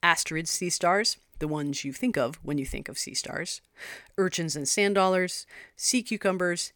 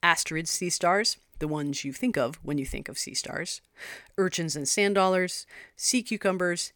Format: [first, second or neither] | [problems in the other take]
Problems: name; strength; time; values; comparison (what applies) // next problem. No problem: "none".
neither | none